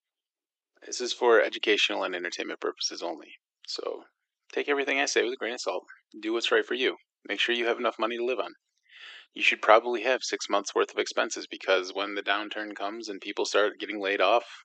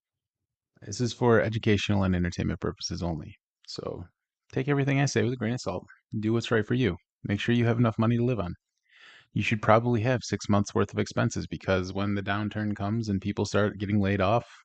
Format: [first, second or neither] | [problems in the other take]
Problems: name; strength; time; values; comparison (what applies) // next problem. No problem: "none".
second | thin; very; fading below 350 Hz